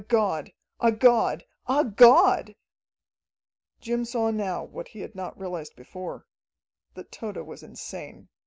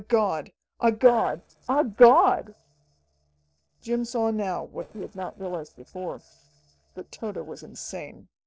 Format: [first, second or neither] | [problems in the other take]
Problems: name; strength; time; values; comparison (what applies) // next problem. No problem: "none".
first | noise reduction (neural separator model SepFormer DNS4)